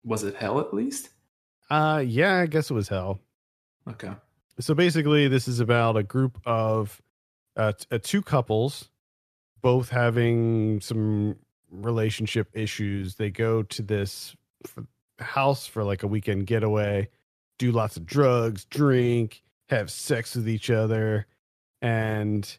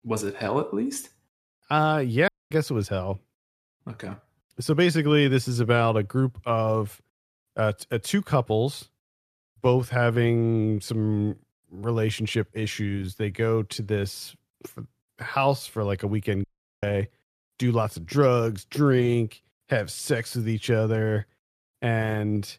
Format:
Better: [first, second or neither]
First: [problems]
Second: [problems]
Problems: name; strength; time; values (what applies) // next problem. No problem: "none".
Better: first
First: none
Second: audio cutting out; at 2.5 s and at 16 s